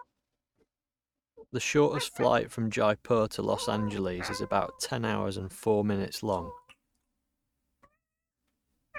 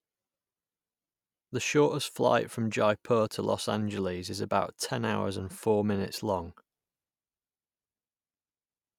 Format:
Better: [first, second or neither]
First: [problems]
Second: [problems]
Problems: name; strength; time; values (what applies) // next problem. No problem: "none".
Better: second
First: noise reduction (neural mask model RNNoise)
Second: none